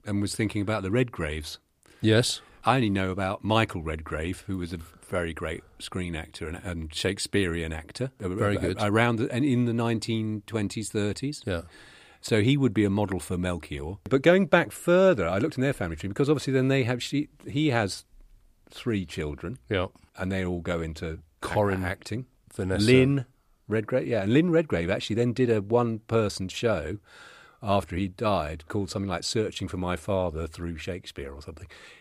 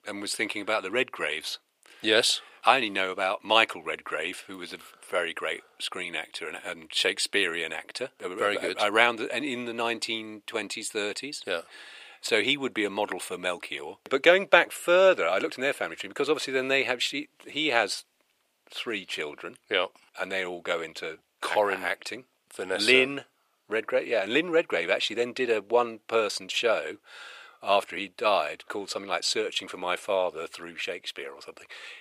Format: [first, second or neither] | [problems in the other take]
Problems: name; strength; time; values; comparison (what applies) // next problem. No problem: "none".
first | thin; very; fading below 550 Hz